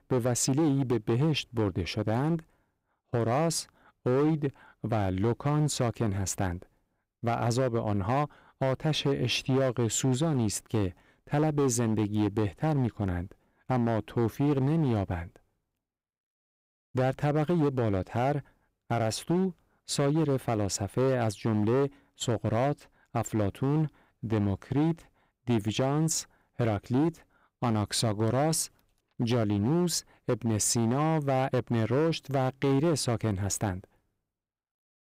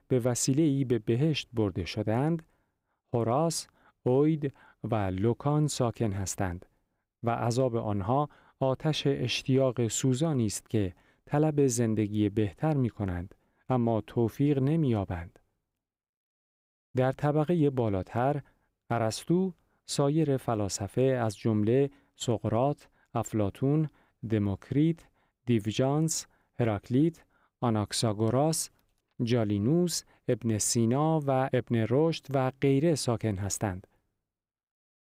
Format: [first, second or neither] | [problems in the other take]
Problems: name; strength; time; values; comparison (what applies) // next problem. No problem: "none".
second | distortion; slight; 10% of the sound clipped